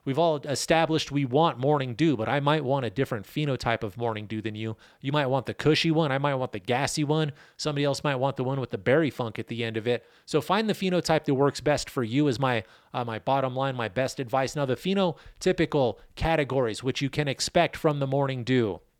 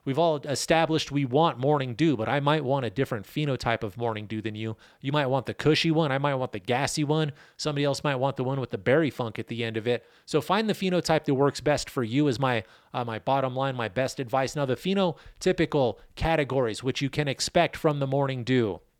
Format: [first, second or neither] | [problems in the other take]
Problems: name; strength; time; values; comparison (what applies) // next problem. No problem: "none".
neither | none